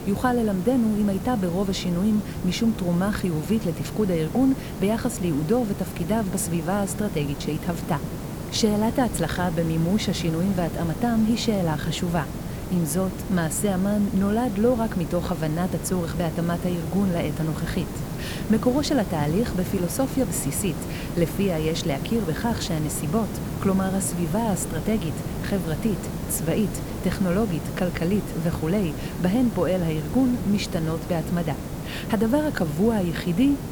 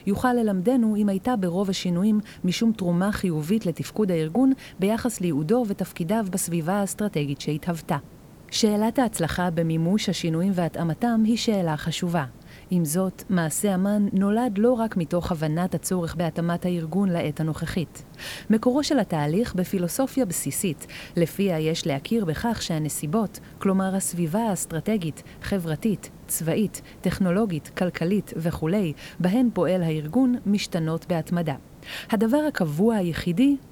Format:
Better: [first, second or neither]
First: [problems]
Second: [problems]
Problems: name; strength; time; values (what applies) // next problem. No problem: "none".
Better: second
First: hiss; loud; throughout; 7 dB below the speech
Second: hiss; faint; throughout; 25 dB below the speech